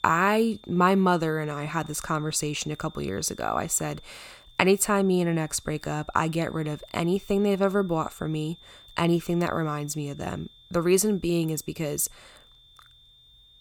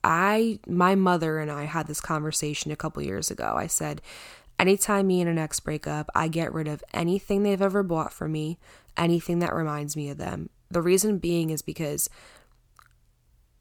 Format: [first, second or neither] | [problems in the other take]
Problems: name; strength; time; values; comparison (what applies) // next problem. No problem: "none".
second | high-pitched whine; faint; throughout; 3.5 kHz, 25 dB below the speech